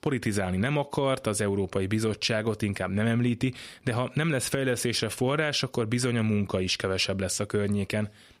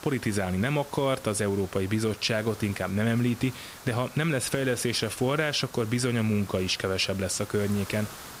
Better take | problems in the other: first | hiss; noticeable; throughout; 15 dB below the speech

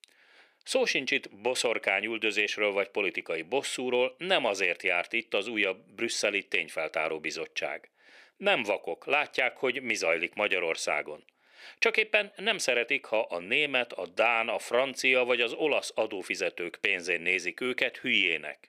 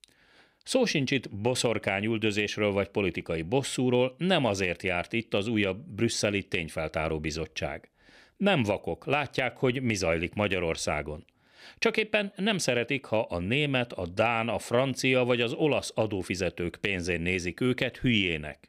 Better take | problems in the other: second | thin; somewhat; fading below 450 Hz

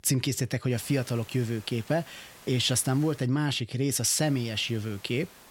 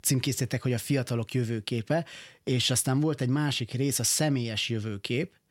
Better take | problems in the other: second | hiss; faint; from 0.5 to 3 s and from 4 s on; 20 dB below the speech

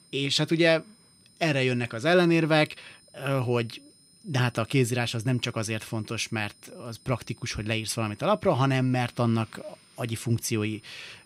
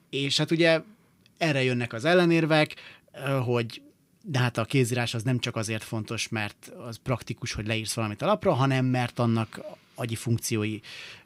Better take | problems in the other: second | high-pitched whine; faint; throughout; 9 kHz, 30 dB below the speech

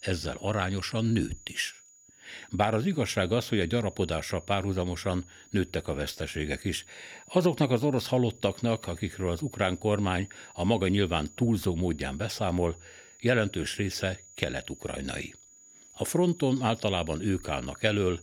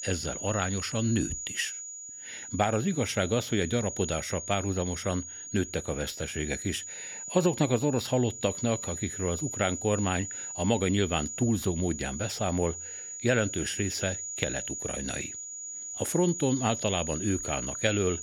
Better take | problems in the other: first | high-pitched whine; loud; throughout; 7 kHz, 6 dB below the speech; faint in the first

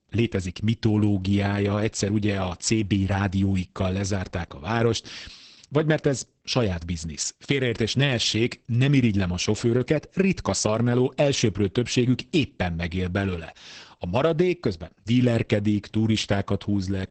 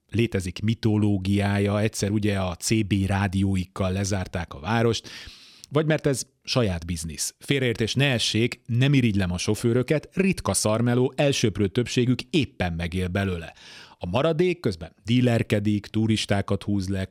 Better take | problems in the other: second | garbled, watery; badly; nothing above 8 kHz

